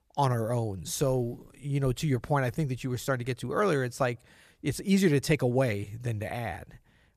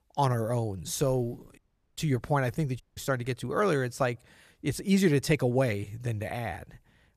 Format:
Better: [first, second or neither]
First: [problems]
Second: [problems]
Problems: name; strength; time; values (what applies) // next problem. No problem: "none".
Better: first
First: none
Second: audio cutting out; at 1.5 s and at 3 s